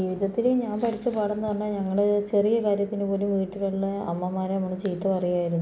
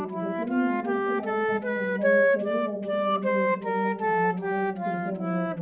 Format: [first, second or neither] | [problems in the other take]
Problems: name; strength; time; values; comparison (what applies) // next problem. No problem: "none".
first | background sound (Wind instrument, woodwind instrument); 4 dB above the speech // room echo; dies away in 0.9 s